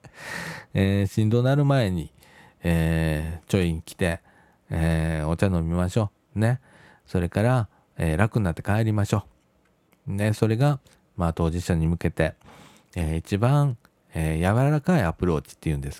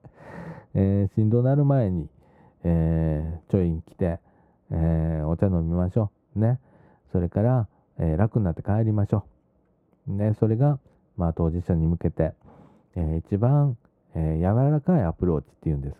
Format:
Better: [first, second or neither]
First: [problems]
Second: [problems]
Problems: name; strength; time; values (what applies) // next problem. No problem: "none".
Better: first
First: none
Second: muffled; very; fading above 1.5 kHz